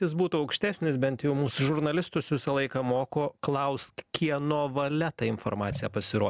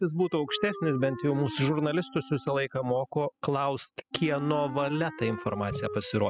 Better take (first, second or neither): first